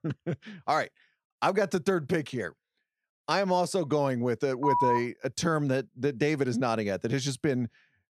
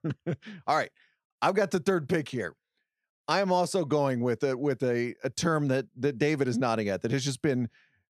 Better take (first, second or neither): second